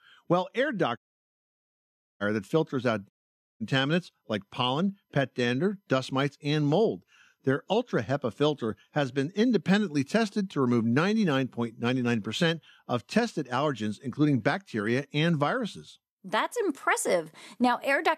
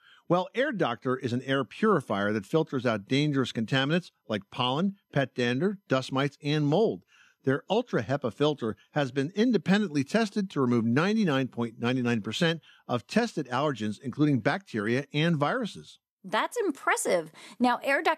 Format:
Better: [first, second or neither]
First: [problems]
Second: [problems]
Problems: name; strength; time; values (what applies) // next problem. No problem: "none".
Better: second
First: audio cutting out; at 1 s for 1 s and at 3 s for 0.5 s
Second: none